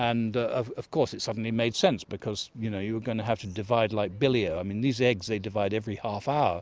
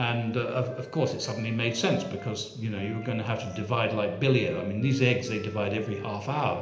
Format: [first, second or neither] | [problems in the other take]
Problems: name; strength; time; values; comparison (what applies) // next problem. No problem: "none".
first | background sound (Wind instrument, woodwind instrument); 17 dB below the speech // room echo; dies away in 0.8 s